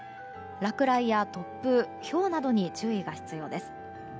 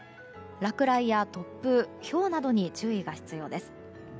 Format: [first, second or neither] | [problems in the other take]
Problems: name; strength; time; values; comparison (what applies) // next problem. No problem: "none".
second | background sound (Wind instrument, woodwind instrument); 14 dB below the speech